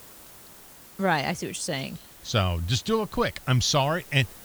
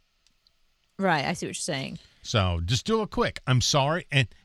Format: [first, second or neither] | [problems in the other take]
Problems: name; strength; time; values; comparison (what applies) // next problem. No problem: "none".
second | hiss; noticeable; throughout; 20 dB below the speech